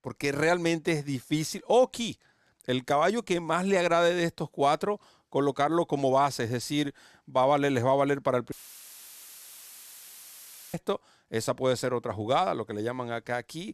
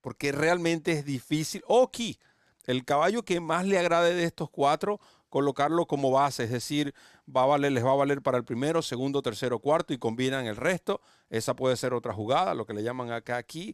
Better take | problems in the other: second | audio cutting out; filled with static; at 8.5 s for 2 s

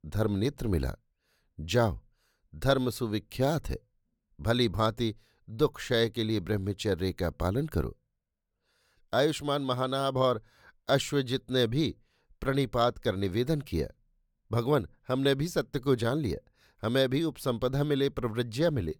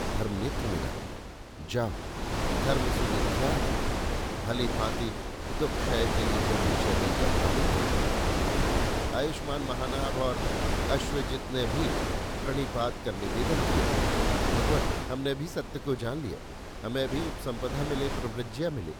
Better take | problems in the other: first | wind noise on the microphone; heavy; 3 dB above the speech

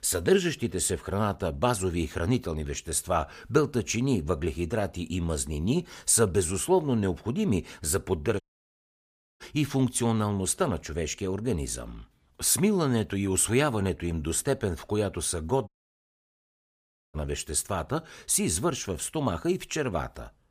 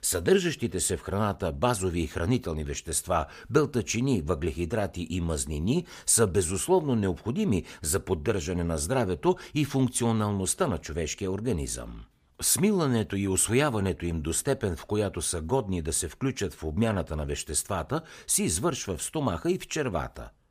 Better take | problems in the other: second | audio cutting out; at 8.5 s for 1 s and at 16 s for 1.5 s

